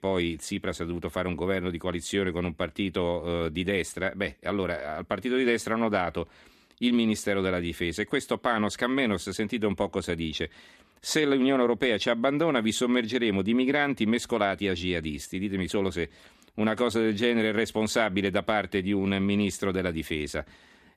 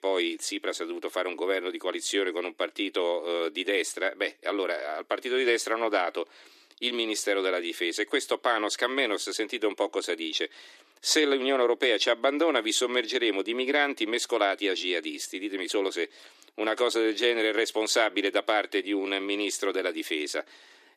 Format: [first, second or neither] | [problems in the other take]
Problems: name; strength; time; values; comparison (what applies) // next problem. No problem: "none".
first | thin; somewhat; fading below 300 Hz